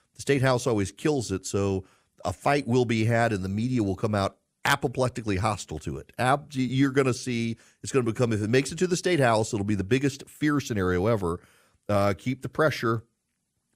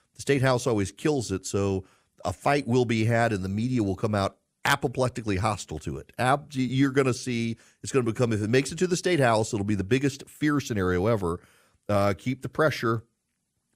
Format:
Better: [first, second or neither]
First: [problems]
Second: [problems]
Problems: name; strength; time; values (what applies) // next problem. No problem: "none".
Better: neither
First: none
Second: none